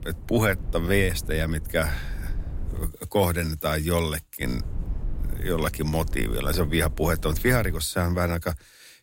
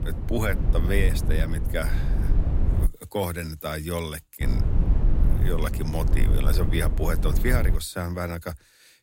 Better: first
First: low rumble; faint; until 3 s and from 4.5 to 8 s; 20 dB below the speech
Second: low rumble; loud; until 3 s and from 4.5 to 8 s; 8 dB below the speech

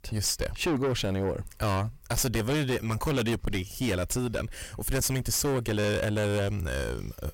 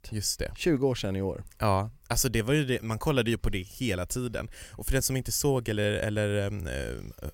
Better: second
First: distortion; heavy; 6 dB below the speech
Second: none

